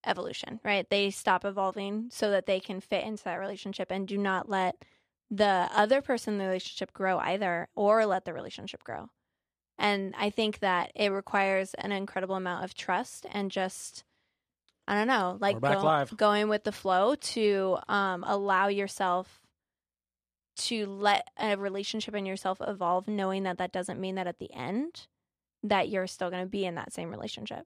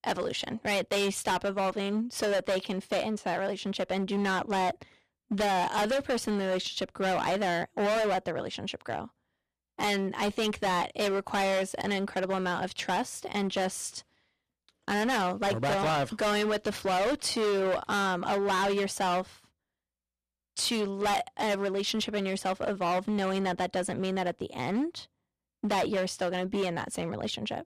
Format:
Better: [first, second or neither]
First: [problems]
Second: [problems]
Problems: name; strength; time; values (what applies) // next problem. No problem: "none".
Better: first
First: none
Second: distortion; heavy; 18% of the sound clipped